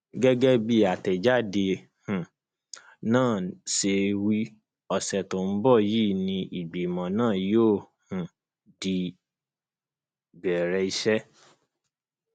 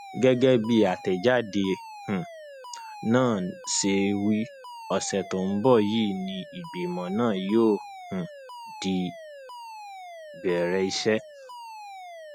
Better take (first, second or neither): first